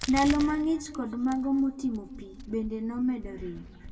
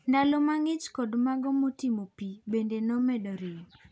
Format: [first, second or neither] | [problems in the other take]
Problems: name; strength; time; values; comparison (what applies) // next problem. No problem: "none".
second | background sound (Crack); 13 dB below the speech // room echo; dies away in 1.9 s